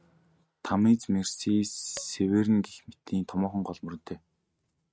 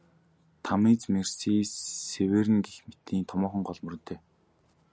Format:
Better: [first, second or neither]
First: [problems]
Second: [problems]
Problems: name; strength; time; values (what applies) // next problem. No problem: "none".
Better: second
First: noise reduction (neural mask model RNNoise)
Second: none